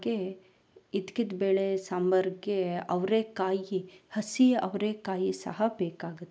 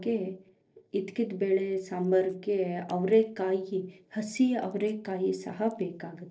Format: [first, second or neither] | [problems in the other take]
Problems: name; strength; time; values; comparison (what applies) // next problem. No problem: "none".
first | noise reduction (neural separator model SepFormer DNS4)